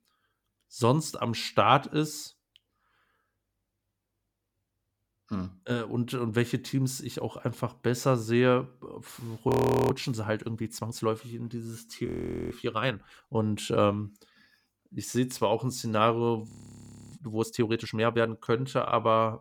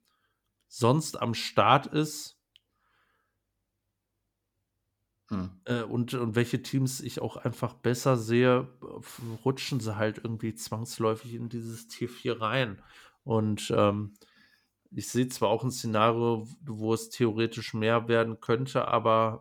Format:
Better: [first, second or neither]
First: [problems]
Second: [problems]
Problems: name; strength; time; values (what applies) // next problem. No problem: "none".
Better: second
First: audio freezing; at 9.5 s, at 12 s and at 16 s for 0.5 s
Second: none